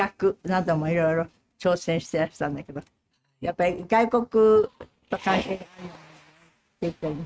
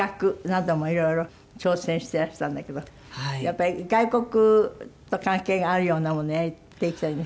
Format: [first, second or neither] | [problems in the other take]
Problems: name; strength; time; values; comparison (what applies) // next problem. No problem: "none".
second | noise reduction (neural mask model RNNoise)